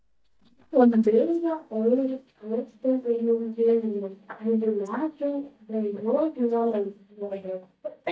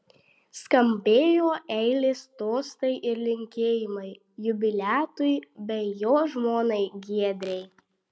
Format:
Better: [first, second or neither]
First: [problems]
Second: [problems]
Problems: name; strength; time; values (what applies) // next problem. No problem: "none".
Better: second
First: noise reduction (neural mask model DeepFilterNet 3)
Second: none